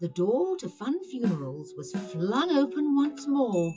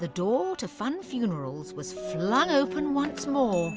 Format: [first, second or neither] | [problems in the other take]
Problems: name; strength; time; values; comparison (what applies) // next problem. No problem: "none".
second | noise reduction (classical method WPE with log-MMSE)